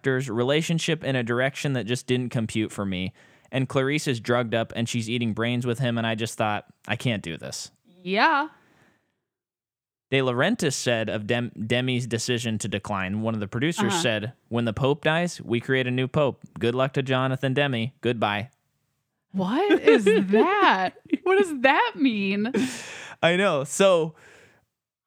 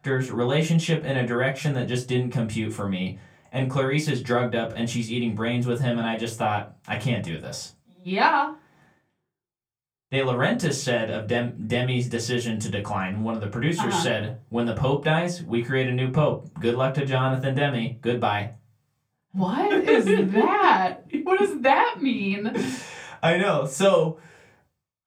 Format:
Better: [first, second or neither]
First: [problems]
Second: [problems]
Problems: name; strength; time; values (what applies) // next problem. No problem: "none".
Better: first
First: none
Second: off-mic speech; far // room echo; very slight; dies away in 0.2 s